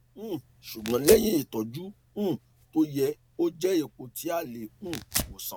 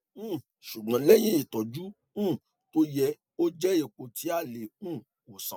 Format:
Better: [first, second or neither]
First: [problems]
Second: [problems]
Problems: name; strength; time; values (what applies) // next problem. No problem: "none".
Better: second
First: background sound (Tearing); 11 dB below the speech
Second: none